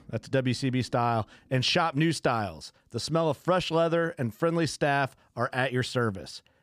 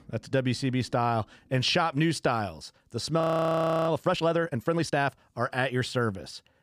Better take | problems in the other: first | audio freezing; at 3 s for 0.5 s

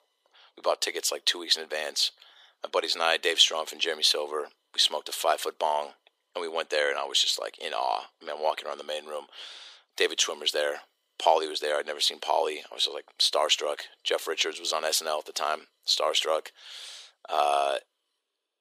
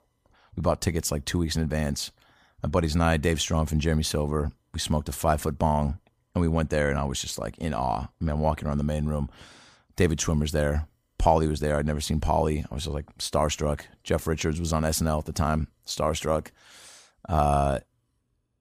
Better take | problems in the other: second | thin; very; fading below 400 Hz

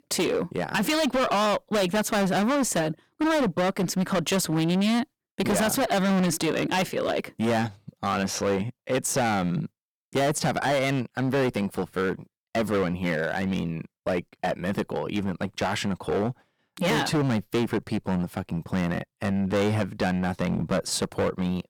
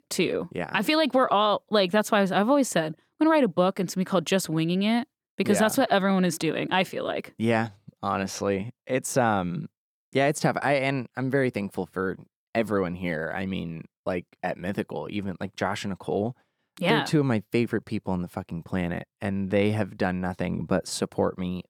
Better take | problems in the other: second | distortion; heavy; 17% of the sound clipped

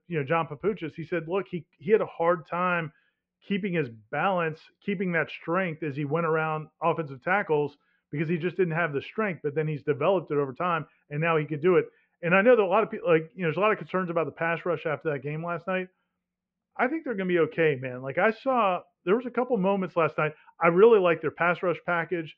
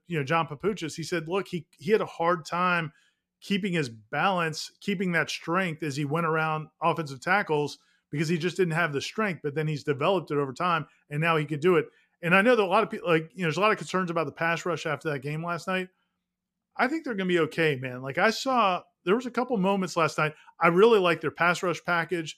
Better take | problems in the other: second | muffled; very; fading above 2.5 kHz

